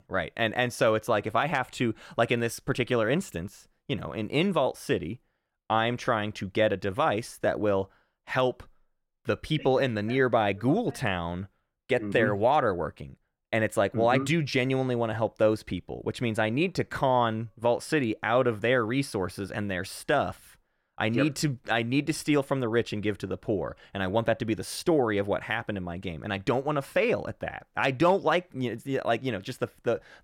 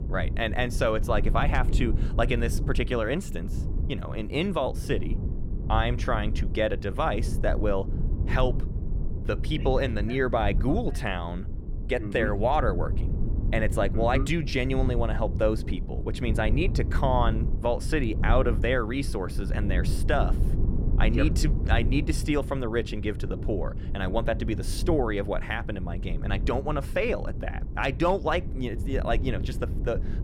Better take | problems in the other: first | low rumble; noticeable; throughout; 15 dB below the speech

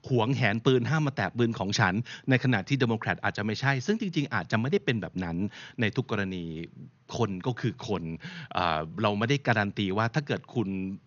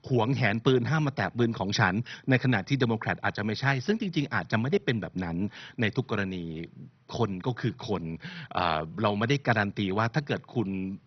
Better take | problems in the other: first | garbled, watery; badly; nothing above 6 kHz; slightly in the first

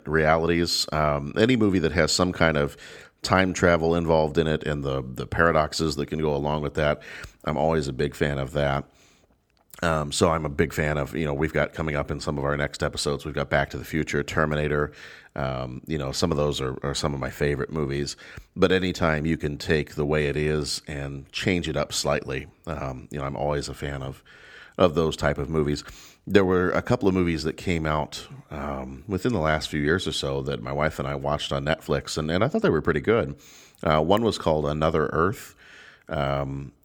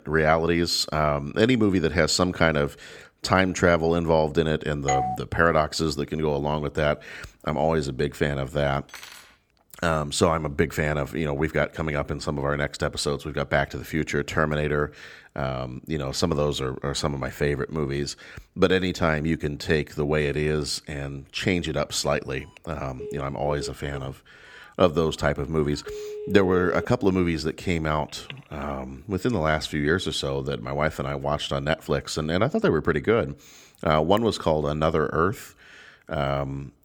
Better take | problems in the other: first | doorbell; noticeable; at 5 s; peak 1 dB below the speech // clattering dishes; faint; at 9 s; peak 15 dB below the speech // phone ringing; noticeable; from 23 to 29 s; peak 8 dB below the speech

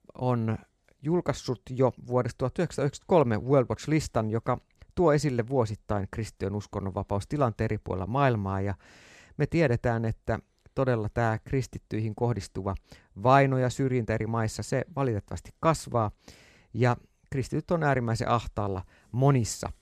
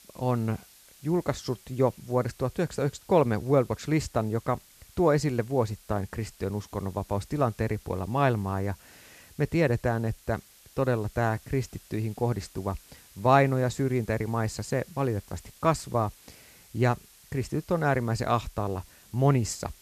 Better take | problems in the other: first | hiss; faint; throughout; 25 dB below the speech

